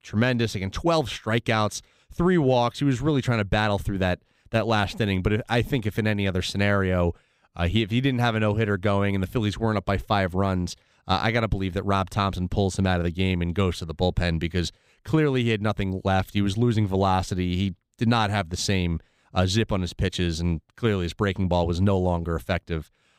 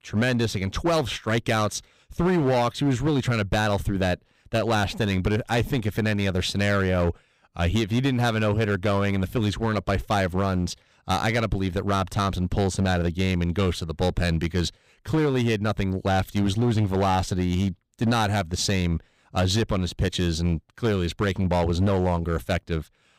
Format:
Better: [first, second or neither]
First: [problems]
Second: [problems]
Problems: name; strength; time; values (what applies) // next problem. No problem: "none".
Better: first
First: none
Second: distortion; slight; 10% of the sound clipped